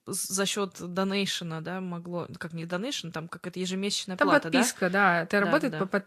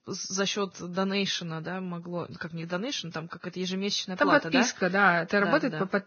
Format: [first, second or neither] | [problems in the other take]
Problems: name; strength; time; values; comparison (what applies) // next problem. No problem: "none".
first | garbled, watery; badly; nothing above 6.5 kHz; slightly in the first